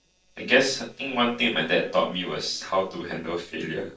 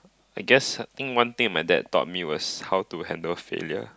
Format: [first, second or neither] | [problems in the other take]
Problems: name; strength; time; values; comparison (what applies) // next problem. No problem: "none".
second | noise reduction (neural separator model SepFormer DNS4)